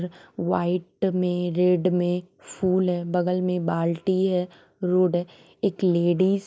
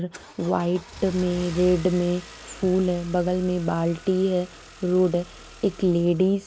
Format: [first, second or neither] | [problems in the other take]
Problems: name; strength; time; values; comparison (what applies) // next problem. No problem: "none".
first | background sound (Engine starting / Car); 18 dB below the speech